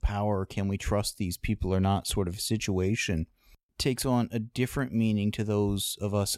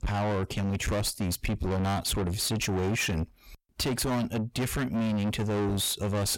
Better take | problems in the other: first | distortion; heavy; 5 dB below the speech

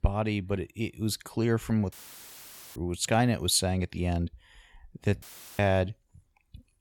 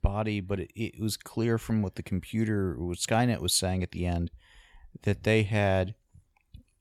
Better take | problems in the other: second | audio cutting out; filled with static; at 2 s for 1 s and at 5 s

